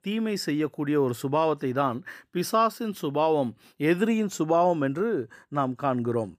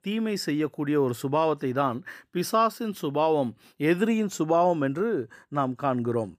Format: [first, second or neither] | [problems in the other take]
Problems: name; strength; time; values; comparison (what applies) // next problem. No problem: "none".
neither | none